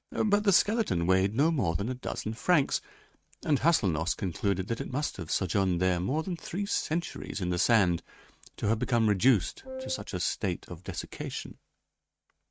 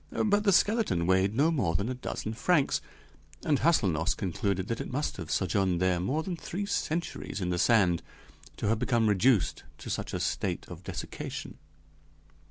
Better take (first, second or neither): second